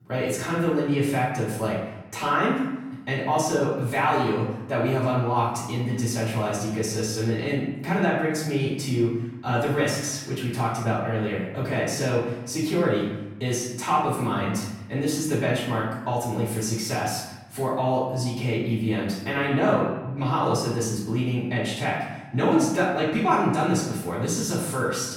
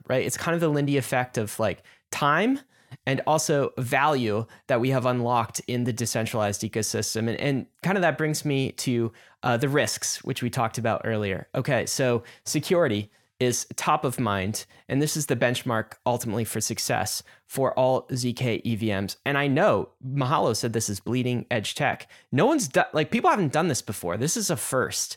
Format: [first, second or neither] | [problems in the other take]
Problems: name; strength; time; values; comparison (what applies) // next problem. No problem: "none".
second | off-mic speech; far // room echo; noticeable; dies away in 0.9 s